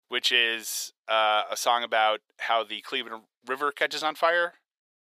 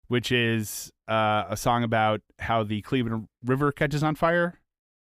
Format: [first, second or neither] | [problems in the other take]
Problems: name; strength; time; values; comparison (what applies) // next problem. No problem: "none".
second | thin; very; fading below 500 Hz